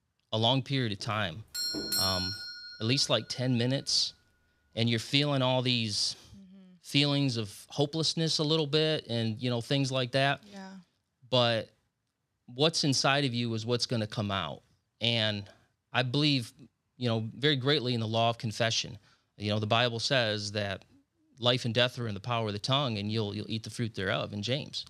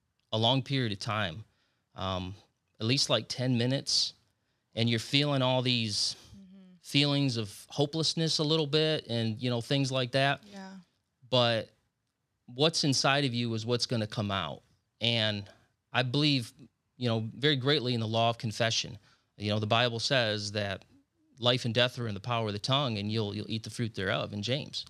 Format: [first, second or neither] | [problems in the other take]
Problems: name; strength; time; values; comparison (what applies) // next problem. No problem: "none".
second | doorbell; loud; from 1.5 to 3 s; peak 1 dB above the speech